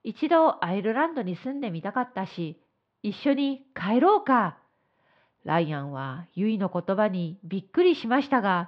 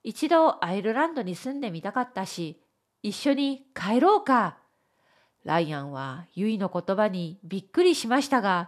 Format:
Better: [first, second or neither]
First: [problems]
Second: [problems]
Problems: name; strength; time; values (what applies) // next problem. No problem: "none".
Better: second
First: muffled; slightly; fading above 3.5 kHz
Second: none